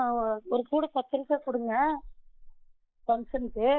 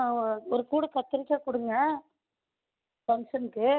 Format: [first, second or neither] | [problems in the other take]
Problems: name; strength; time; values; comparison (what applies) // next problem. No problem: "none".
second | noise reduction (neural mask model Resemble Enhance denoiser)